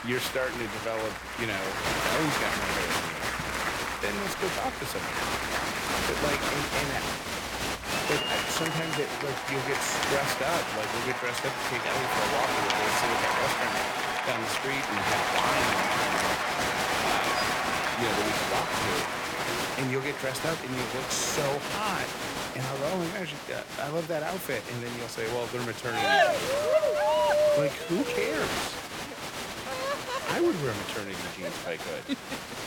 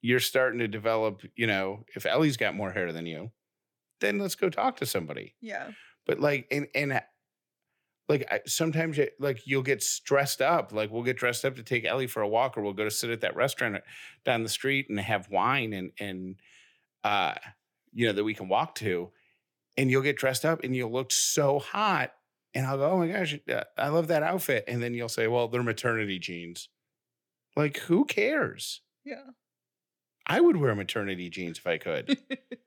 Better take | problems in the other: second | crowd noise; very loud; throughout; 4 dB above the speech

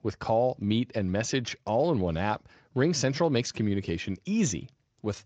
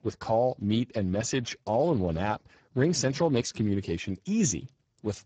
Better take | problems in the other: first | garbled, watery; badly; nothing above 7.5 kHz; slightly in the first

